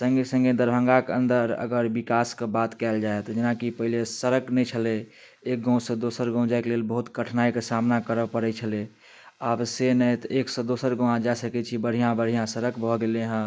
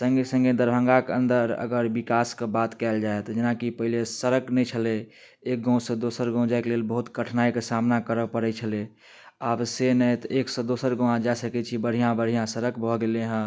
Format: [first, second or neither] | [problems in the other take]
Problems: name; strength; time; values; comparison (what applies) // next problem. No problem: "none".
second | noise reduction (neural mask model Resemble Enhance denoiser)